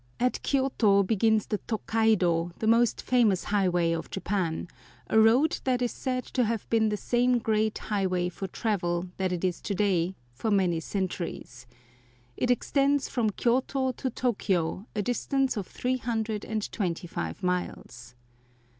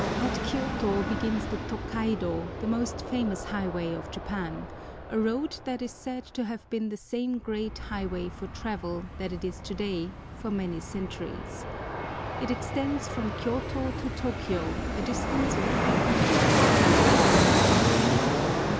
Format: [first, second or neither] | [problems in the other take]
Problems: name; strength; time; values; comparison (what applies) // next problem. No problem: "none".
first | background sound (Fixed-wing aircraft, airplane); 4 dB above the speech